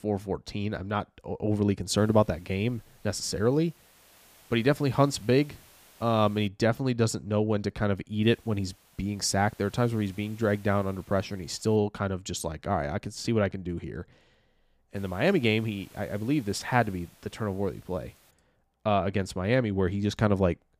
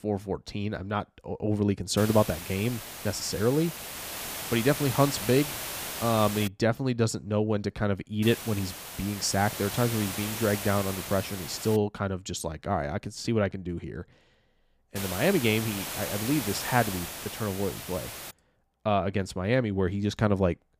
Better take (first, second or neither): first